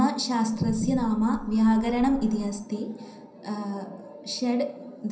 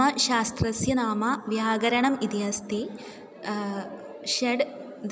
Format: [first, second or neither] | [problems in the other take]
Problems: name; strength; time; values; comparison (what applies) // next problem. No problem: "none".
second | background sound (Meow); 15 dB below the speech // room echo; dies away in 0.6 s